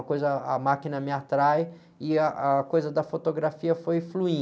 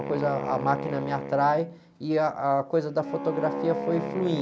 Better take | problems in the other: first | background sound (Wind instrument, woodwind instrument); 7 dB below the speech

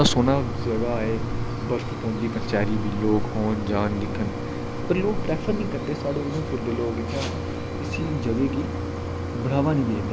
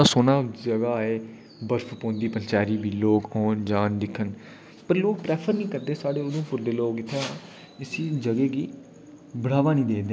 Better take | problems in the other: second | background sound (Mechanisms); 2 dB below the speech

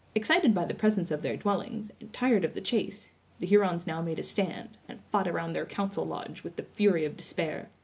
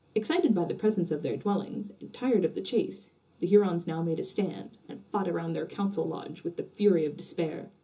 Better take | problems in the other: first | room echo; dies away in 0.2 s

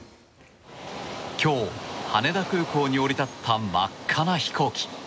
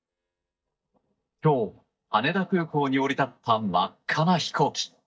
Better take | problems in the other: first | noise reduction (neural mask model DeepFilterNet 3)

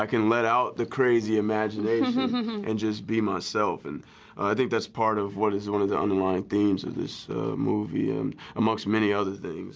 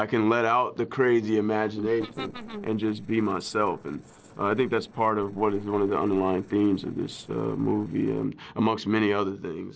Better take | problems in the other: first | noise reduction (neural separator model SepFormer DNS4)

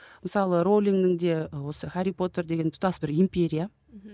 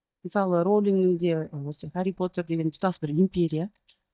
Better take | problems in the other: first | noise reduction (neural mask model DeepFilterNet 3)

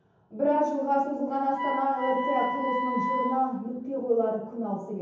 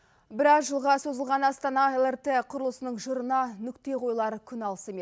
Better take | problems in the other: second | background sound (Wind instrument, woodwind instrument); 5 dB below the speech // room echo; dies away in 0.9 s

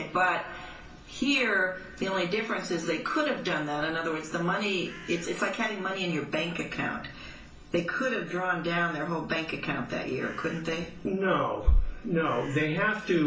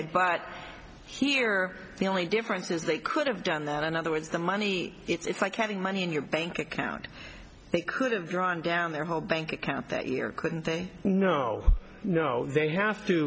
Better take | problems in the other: second | background sound (Bird); 16 dB below the speech // room echo; dies away in 0.4 s

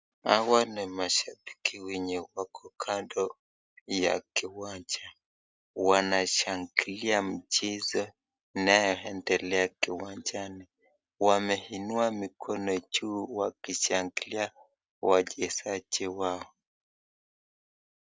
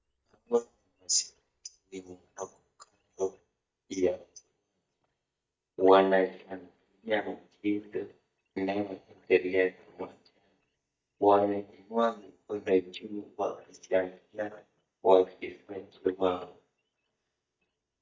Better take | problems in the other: first | noise reduction (neural mask model DeepFilterNet 3)

